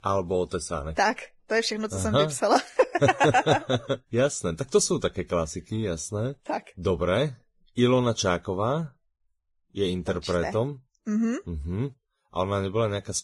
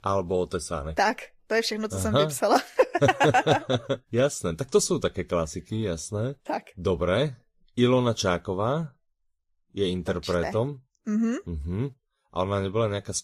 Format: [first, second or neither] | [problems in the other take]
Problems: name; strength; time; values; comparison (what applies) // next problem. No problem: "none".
second | garbled, watery; badly; nothing above 10.5 kHz; slightly in the second